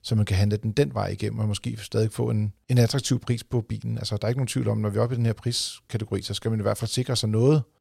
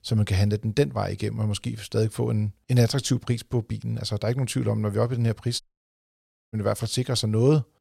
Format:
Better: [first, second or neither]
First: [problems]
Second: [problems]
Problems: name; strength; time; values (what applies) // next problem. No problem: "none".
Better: first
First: none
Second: audio cutting out; at 5.5 s for 1 s